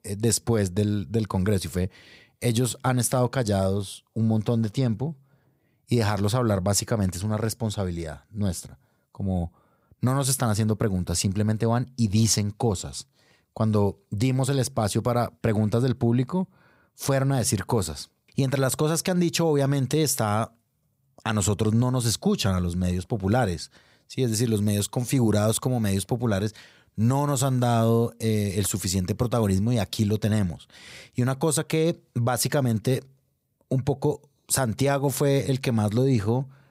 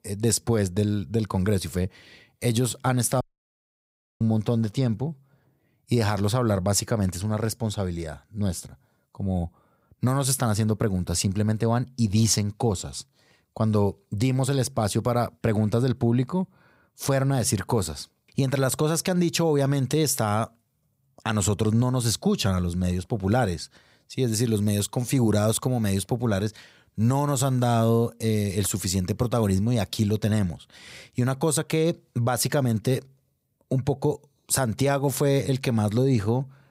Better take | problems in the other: first | audio cutting out; at 3 s for 1 s

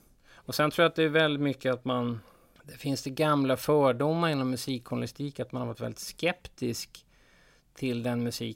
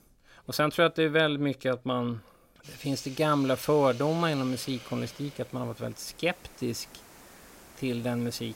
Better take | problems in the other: first | hiss; noticeable; from 2.5 s on; 20 dB below the speech

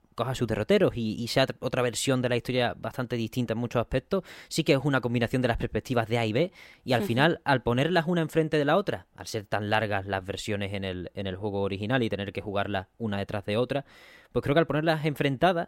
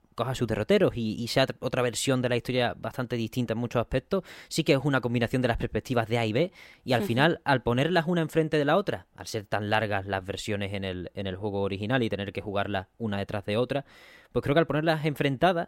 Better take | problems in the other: neither | none

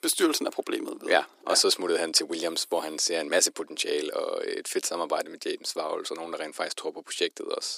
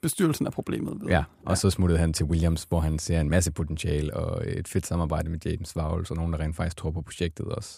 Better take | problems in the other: second | thin; very; fading below 300 Hz

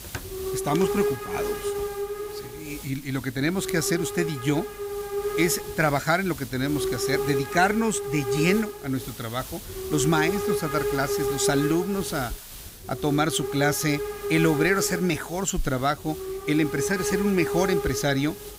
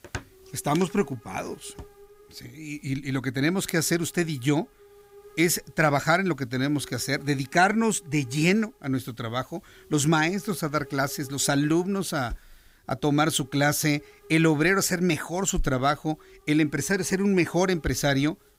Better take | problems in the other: second | hiss; loud; throughout; 5 dB below the speech; faint in the second

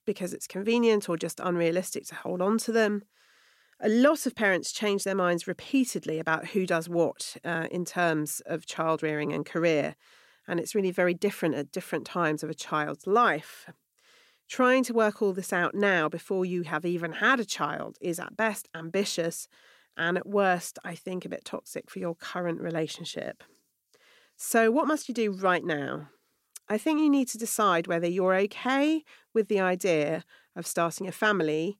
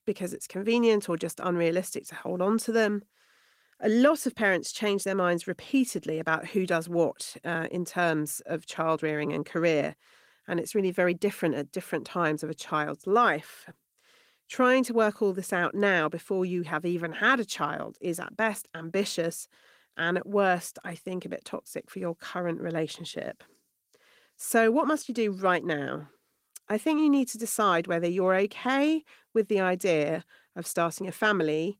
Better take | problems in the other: first | garbled, watery; slightly; nothing above 16 kHz

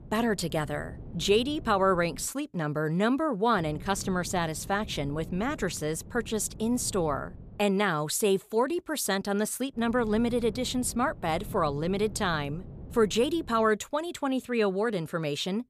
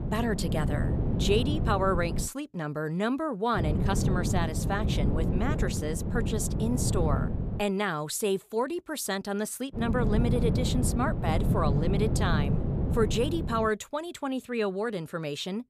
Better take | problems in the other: first | wind noise on the microphone; heavy; until 2.5 s, from 3.5 to 7.5 s and from 10 to 14 s; 7 dB below the speech; occasional gusts in the first

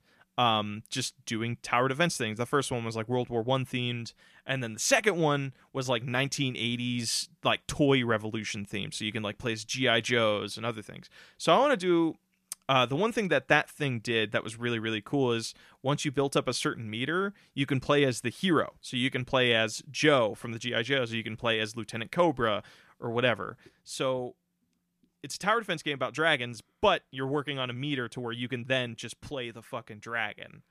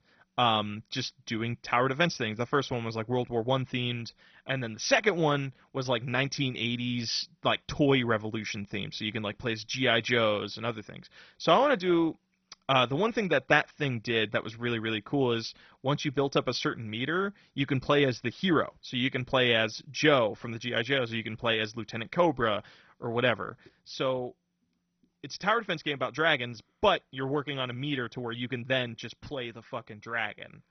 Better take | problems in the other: first | garbled, watery; badly; nothing above 6 kHz

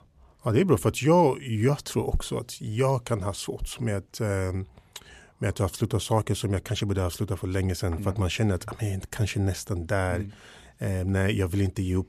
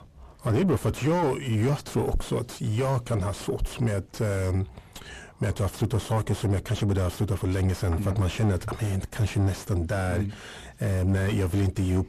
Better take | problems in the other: first | distortion; heavy; 5 dB below the speech

